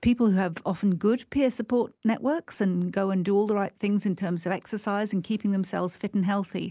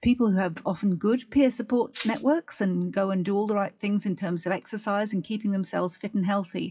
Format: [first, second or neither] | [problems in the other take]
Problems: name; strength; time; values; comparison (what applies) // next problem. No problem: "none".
first | noise reduction (classical method WPE with log-MMSE)